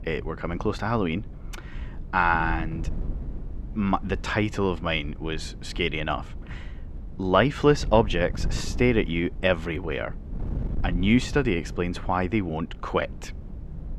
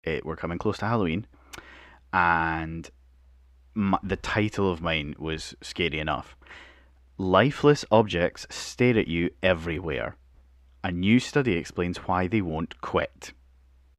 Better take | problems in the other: second | wind noise on the microphone; occasional gusts; 20 dB below the speech

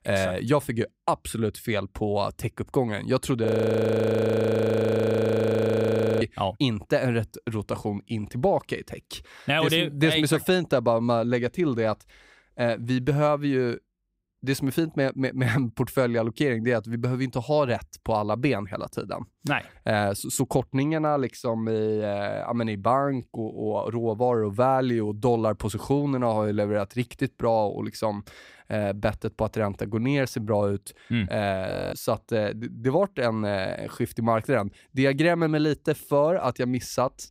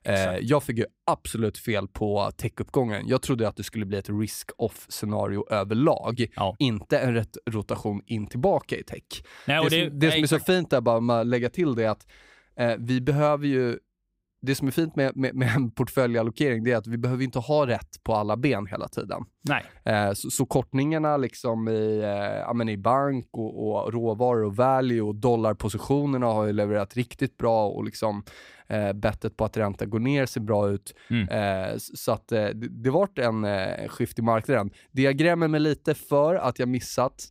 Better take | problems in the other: second | audio freezing; at 3.5 s for 3 s and at 32 s

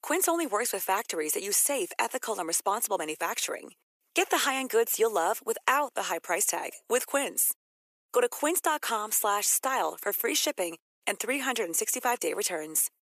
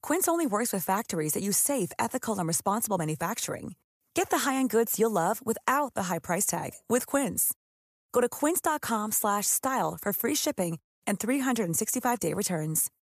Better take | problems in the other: second | thin; somewhat; fading below 350 Hz

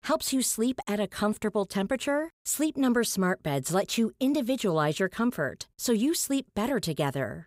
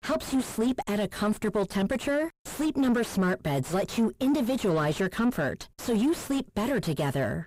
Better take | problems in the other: first | distortion; heavy; 6 dB below the speech

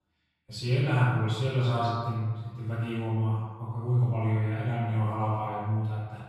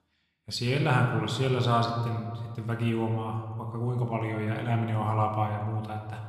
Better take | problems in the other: second | room echo; strong; dies away in 1.2 s; slight in the second // off-mic speech; far

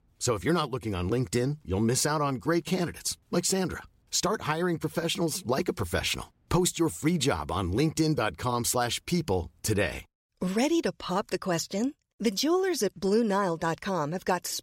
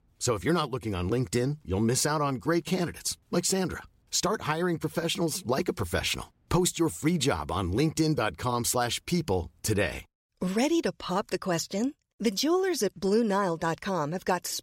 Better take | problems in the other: neither | none

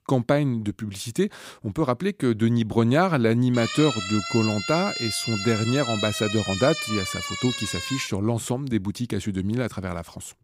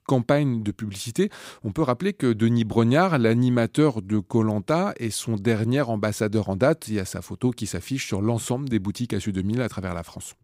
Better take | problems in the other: second | siren; noticeable; from 3.5 to 8 s; peak 3 dB below the speech

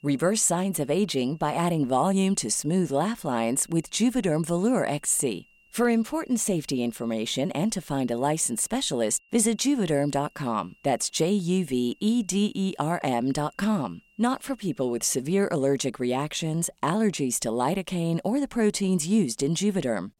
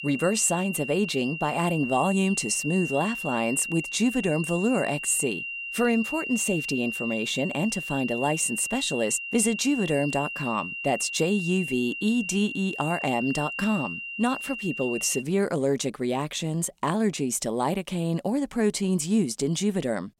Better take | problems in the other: first | high-pitched whine; loud; until 15 s; 3 kHz, 6 dB below the speech; faint in the first

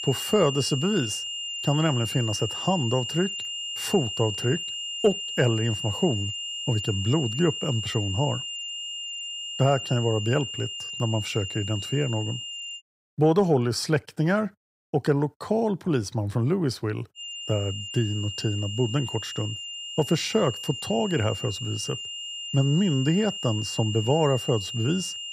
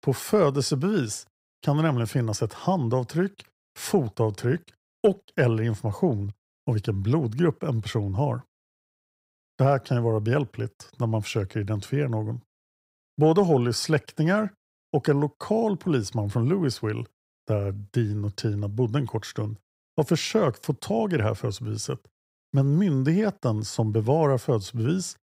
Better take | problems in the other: second | high-pitched whine; loud; until 13 s and from 17 s on; 3 kHz, 5 dB below the speech

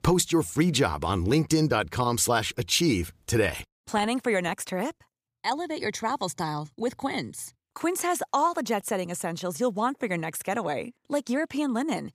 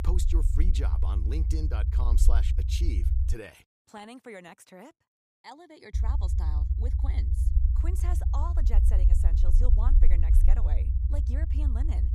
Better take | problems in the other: first | low rumble; loud; until 3.5 s and from 6 s on; 3 dB below the speech

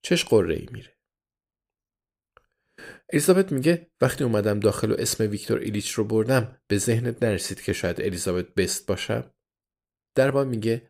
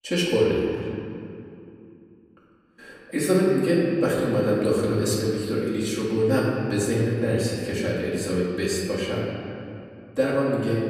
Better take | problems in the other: first | room echo; noticeable; dies away in 2.4 s // off-mic speech; far

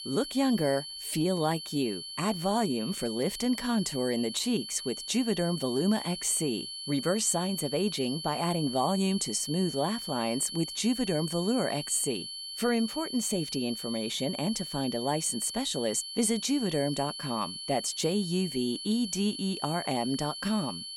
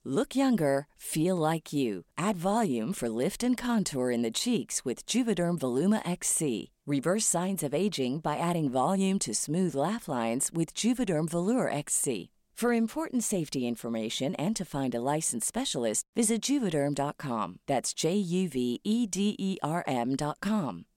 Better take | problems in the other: second | high-pitched whine; loud; throughout; 4.5 kHz, 7 dB below the speech

